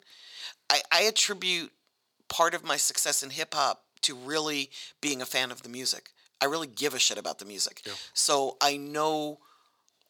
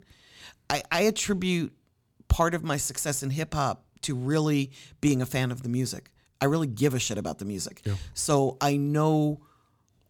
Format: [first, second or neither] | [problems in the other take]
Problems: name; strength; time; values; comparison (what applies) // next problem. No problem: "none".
second | thin; very; fading below 600 Hz